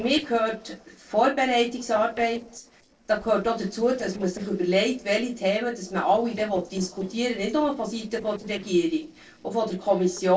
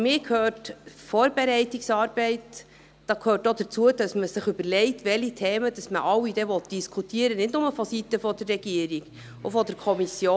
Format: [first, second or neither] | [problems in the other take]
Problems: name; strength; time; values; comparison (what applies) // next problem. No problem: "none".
second | noise reduction (neural separator model SepFormer DNS4)